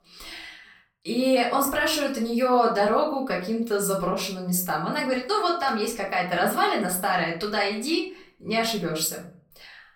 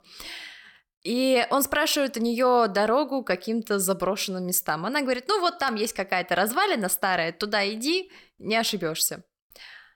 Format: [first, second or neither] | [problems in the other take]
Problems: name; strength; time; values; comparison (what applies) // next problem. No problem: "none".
second | off-mic speech; far // room echo; slight; dies away in 0.4 s